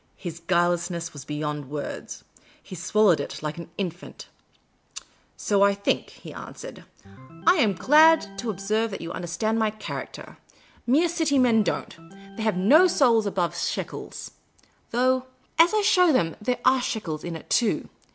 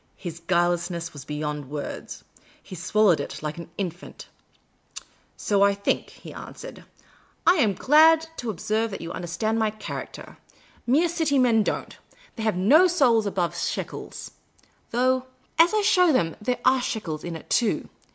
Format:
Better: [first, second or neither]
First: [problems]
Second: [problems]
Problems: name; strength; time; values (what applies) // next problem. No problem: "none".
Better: second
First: background sound (Organ); 19 dB below the speech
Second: none